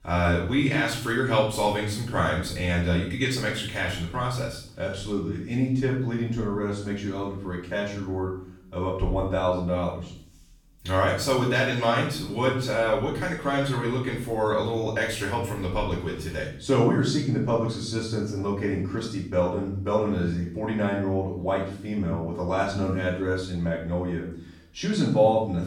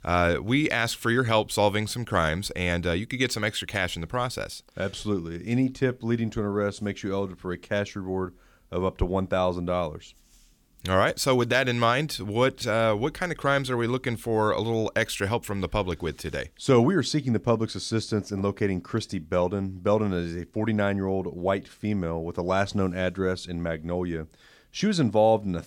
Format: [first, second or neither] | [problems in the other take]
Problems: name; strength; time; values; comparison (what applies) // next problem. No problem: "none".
second | off-mic speech; far // room echo; noticeable; dies away in 0.6 s